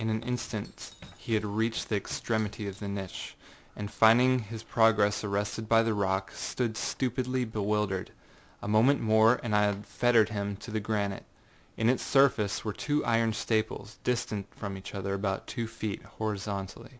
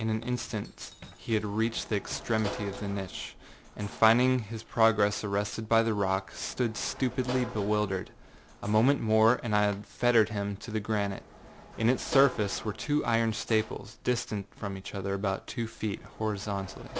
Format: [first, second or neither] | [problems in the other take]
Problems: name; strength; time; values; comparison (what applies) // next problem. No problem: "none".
first | background sound (Sliding door / Slam); 16 dB below the speech